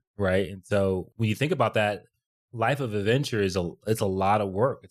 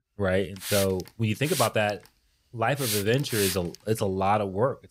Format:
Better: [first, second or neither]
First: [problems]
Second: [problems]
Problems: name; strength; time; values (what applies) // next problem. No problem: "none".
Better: first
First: none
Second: hiss; loud; throughout; 4 dB below the speech